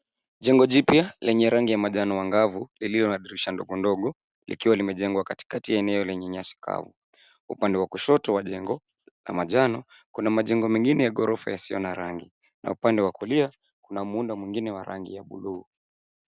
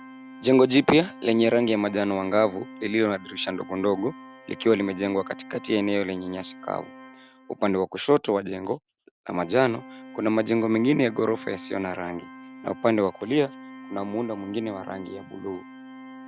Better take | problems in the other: first | background sound (Organ); 19 dB below the speech

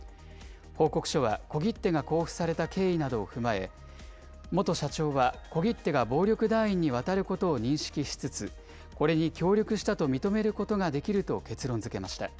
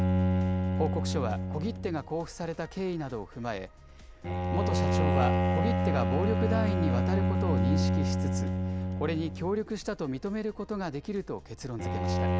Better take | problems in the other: first | background sound (Bowed string instrument); 5 dB above the speech

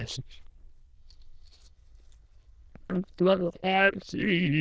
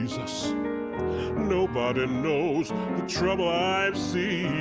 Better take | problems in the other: second | noise reduction (neural diffusion model UNIVERSE++)

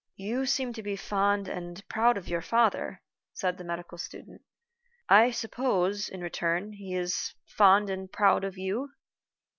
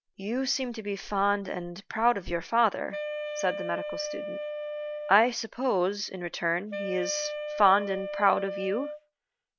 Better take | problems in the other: first | background sound (Wind instrument, woodwind instrument); 7 dB below the speech

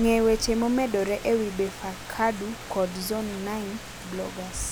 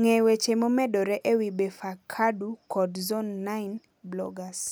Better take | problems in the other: second | background sound (Rain); 11 dB below the speech

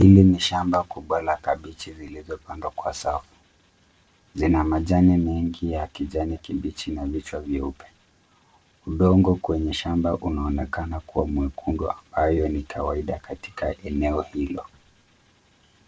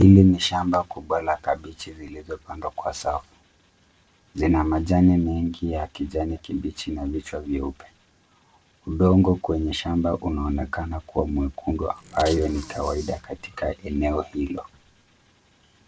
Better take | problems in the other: first | background sound (Bicycle); 17 dB below the speech

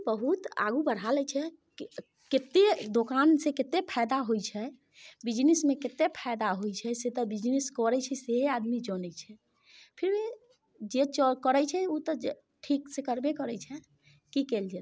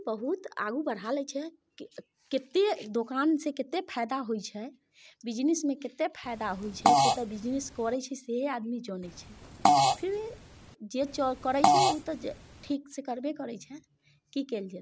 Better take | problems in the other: first | background sound (Fart); 4 dB above the speech

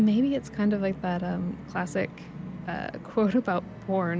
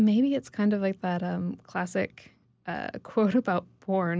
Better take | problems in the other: second | background sound (Musical instrument); 13 dB below the speech

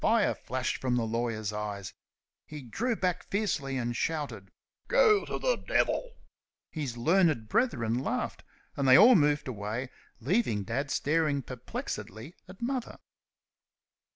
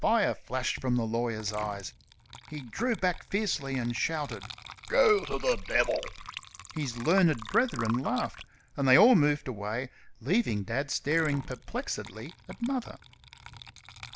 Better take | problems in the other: first | background sound (Water / Liquid); 17 dB below the speech

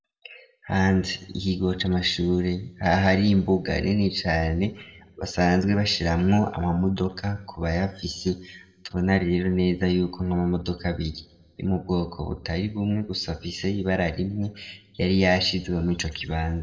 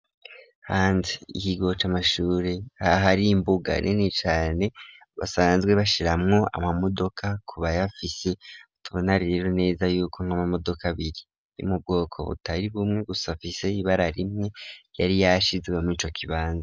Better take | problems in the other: second | room echo; dies away in 0.6 s

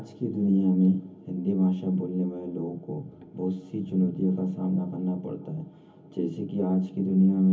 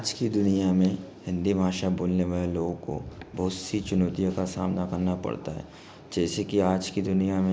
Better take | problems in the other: second | room echo; dies away in 0.3 s

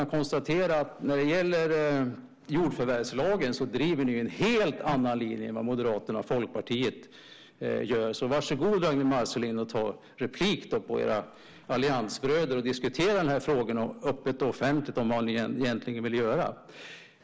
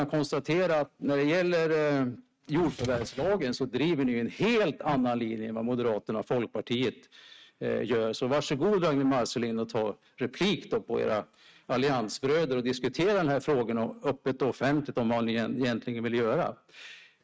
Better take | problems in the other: first | noise reduction (neural mask model RNNoise)

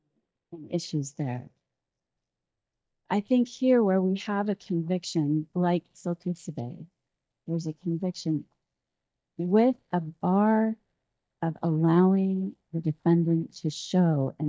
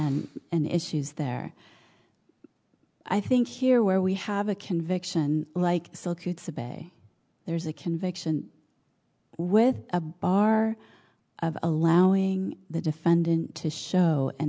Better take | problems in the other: second | noise reduction (neural mask model DeepFilterNet 3)

